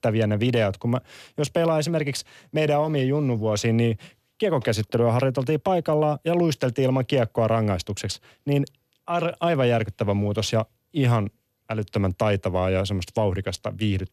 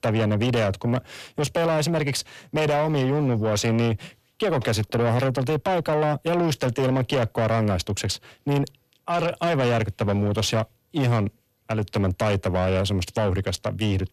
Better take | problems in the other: first | distortion; slight; 10 dB below the speech

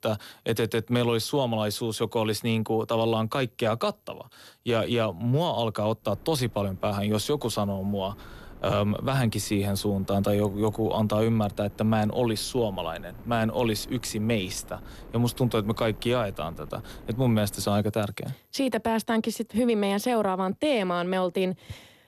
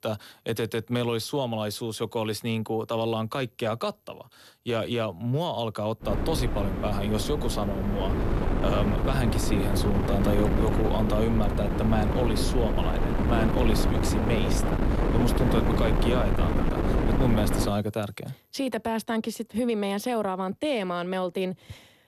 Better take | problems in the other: first | wind noise on the microphone; heavy; from 6 to 18 s; 1 dB below the speech; occasional gusts in the first

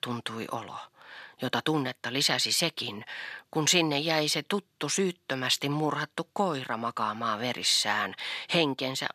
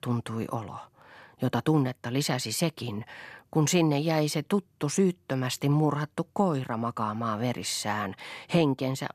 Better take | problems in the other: second | thin; very slightly; fading below 700 Hz

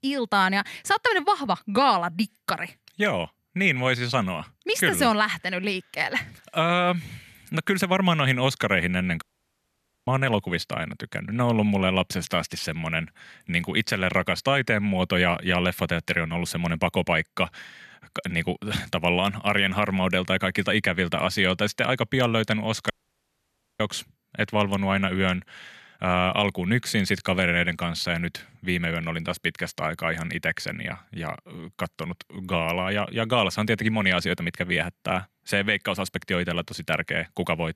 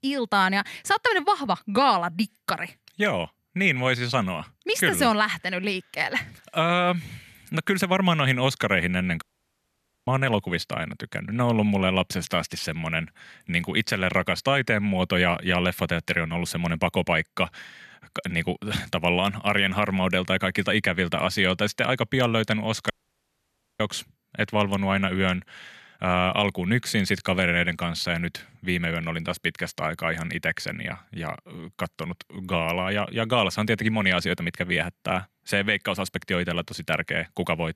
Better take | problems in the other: neither | audio cutting out; at 9 s for 1 s and at 23 s for 1 s; the same in both

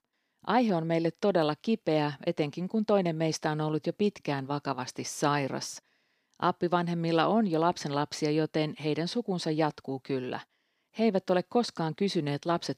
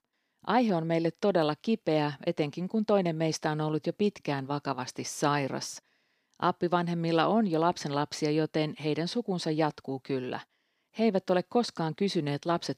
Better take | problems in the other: neither | none

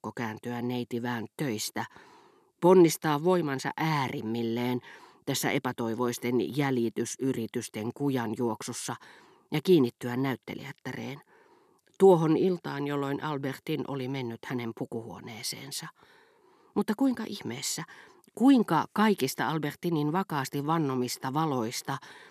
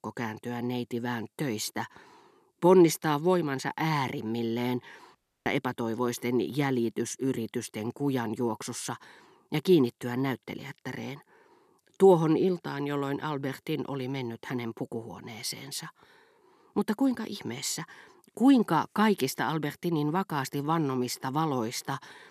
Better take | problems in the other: first | audio cutting out; at 5 s

